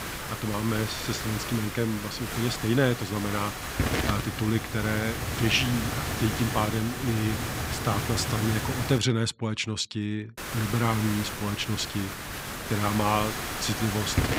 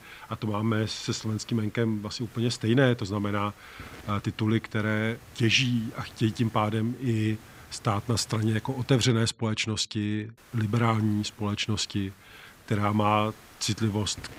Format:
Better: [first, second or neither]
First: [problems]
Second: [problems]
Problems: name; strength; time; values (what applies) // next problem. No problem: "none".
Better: second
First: hiss; loud; until 9 s and from 10 s on; 3 dB below the speech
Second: hiss; faint; until 9 s and from 10 s on; 25 dB below the speech